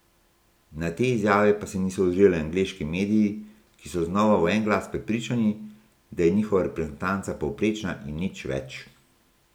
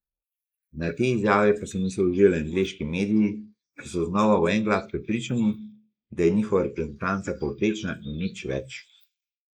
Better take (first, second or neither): first